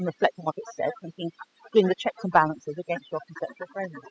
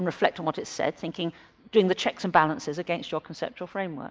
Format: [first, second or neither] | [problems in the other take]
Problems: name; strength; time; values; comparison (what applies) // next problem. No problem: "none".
second | noise reduction (classical method spectral subtraction)